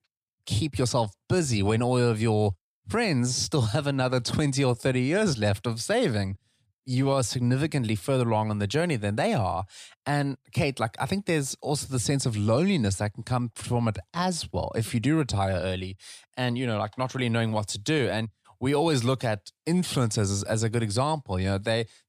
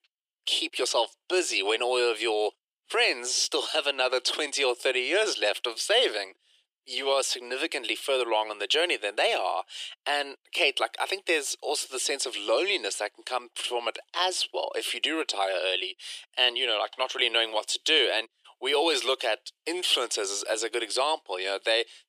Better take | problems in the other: first | thin; very; fading below 350 Hz

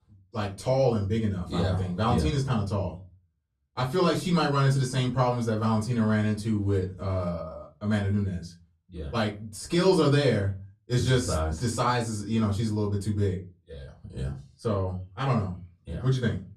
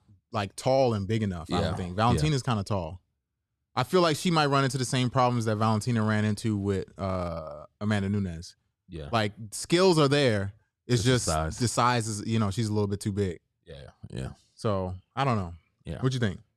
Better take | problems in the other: second | off-mic speech; far // room echo; very slight; dies away in 0.3 s

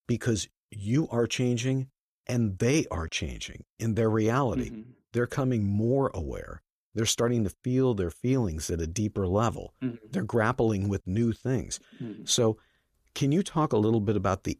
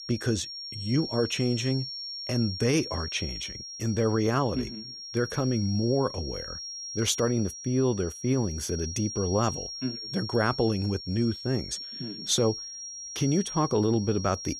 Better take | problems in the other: first | high-pitched whine; loud; throughout; 5.5 kHz, 8 dB below the speech

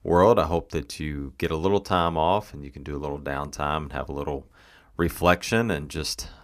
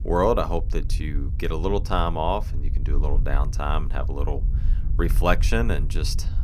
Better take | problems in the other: first | low rumble; noticeable; throughout; 20 dB below the speech

